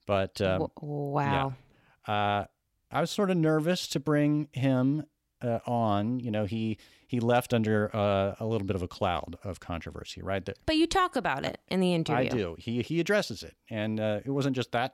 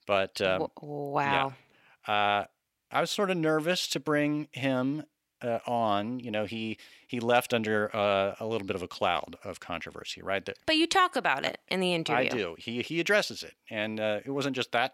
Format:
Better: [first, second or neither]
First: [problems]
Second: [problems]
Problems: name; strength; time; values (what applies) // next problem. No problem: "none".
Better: first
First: none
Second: thin; very slightly; fading below 450 Hz